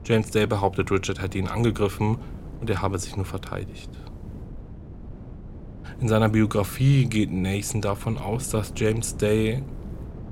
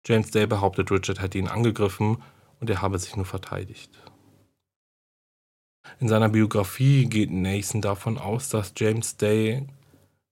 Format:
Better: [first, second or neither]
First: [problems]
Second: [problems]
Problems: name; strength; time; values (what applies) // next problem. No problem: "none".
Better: second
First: wind noise on the microphone; occasional gusts; 20 dB below the speech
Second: none